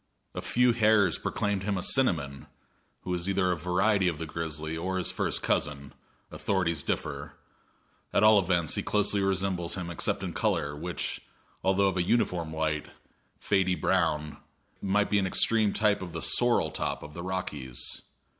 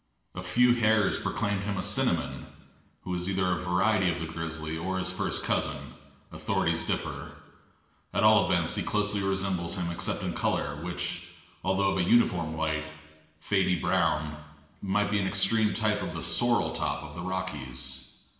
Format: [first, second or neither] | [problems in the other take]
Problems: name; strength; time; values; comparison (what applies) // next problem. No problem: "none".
first | room echo; dies away in 1.1 s